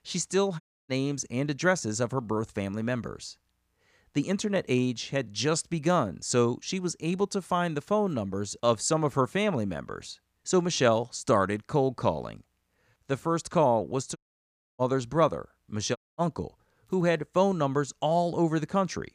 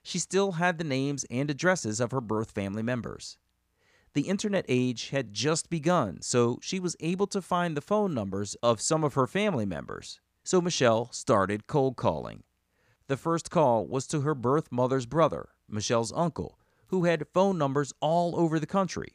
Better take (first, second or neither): second